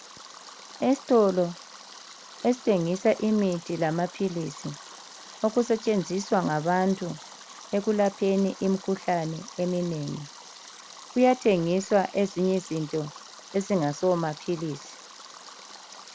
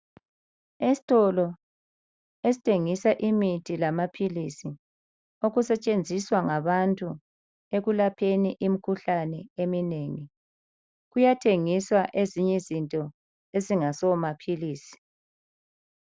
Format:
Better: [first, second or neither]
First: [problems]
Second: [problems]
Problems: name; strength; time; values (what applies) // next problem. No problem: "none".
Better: second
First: background sound (Stream); 18 dB below the speech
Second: none